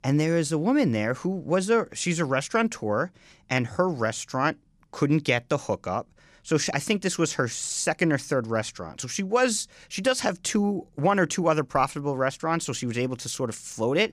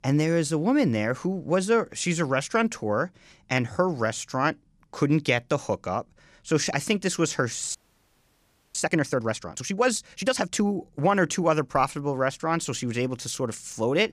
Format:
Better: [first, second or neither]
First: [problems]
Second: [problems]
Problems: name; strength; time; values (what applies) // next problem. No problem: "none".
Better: first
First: none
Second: audio freezing; at 8 s for 1 s